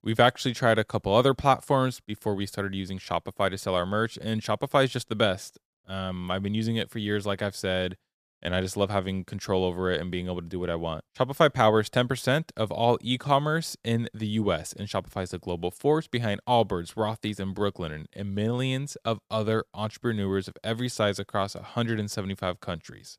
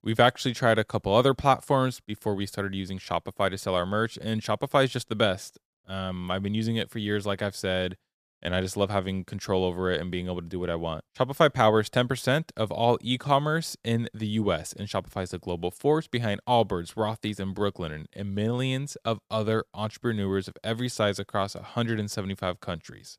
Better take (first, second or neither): neither